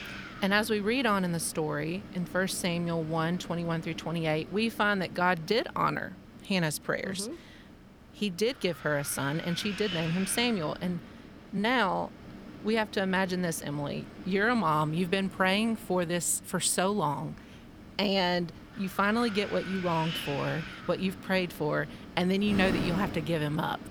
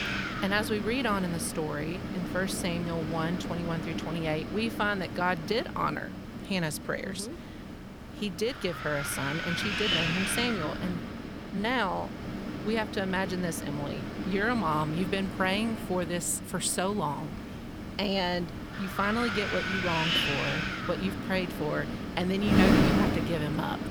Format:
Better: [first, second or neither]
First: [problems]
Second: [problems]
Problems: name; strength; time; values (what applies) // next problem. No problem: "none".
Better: first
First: wind noise on the microphone; occasional gusts; 15 dB below the speech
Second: wind noise on the microphone; heavy; 2 dB below the speech